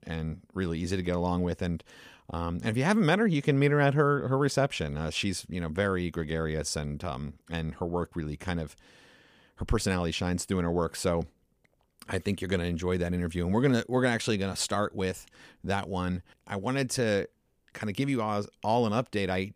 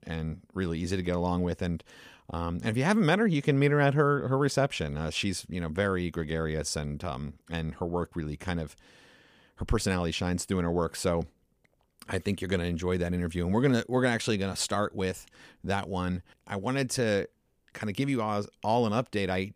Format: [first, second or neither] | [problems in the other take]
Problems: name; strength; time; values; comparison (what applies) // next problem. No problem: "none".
neither | none